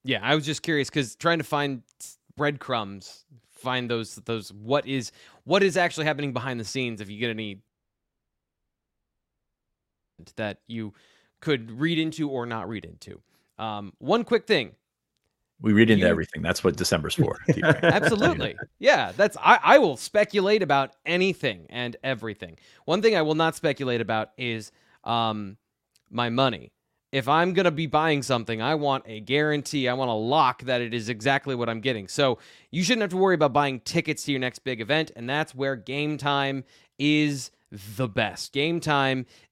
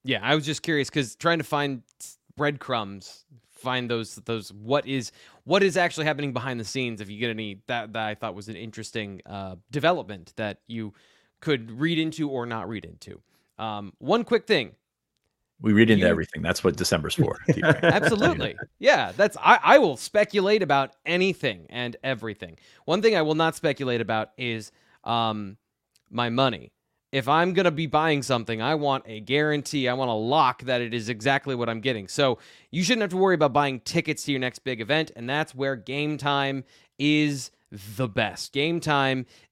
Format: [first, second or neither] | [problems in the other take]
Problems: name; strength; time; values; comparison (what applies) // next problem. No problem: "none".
second | audio cutting out; at 7.5 s for 2.5 s